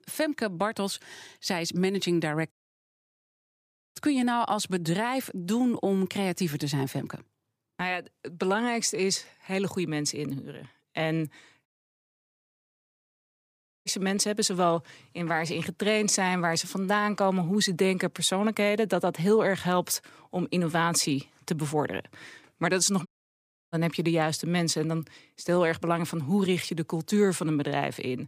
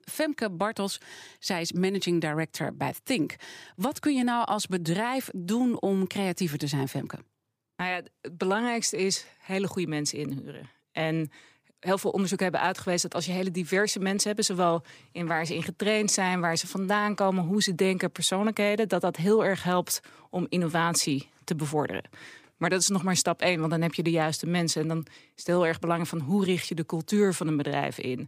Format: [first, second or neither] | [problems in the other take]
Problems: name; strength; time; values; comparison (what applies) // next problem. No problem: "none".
second | audio cutting out; at 2.5 s for 1.5 s, at 12 s for 2 s and at 23 s for 0.5 s